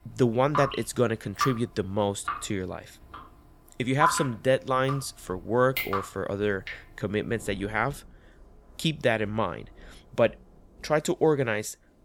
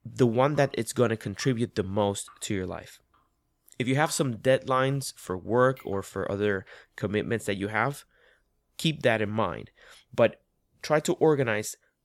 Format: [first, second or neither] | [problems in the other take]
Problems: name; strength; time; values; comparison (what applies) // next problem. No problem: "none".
second | rain or running water; loud; throughout; 5 dB below the speech; faint in the second